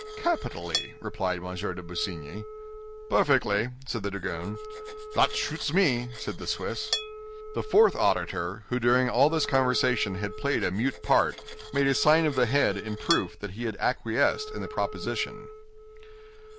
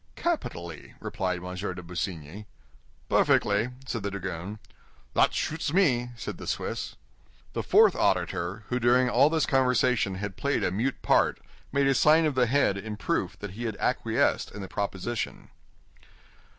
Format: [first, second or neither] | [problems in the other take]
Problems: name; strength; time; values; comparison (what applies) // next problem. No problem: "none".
second | background sound (Cutlery, silverware + Wind instrument, woodwind instrument); 12 dB below the speech